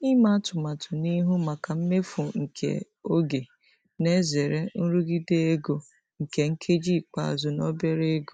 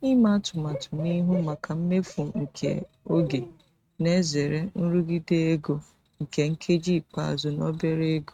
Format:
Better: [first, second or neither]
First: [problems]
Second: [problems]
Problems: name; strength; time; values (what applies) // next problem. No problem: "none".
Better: first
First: none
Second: noise reduction (neural mask model RNNoise)